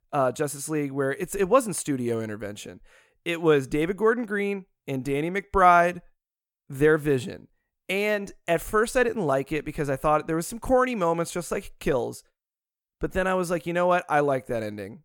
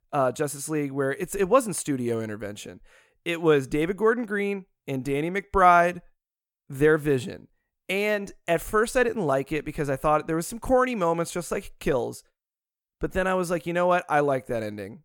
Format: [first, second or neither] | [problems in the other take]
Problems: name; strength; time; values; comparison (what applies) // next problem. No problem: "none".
neither | none